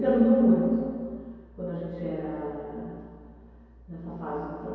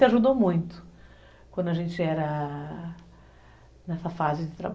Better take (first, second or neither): second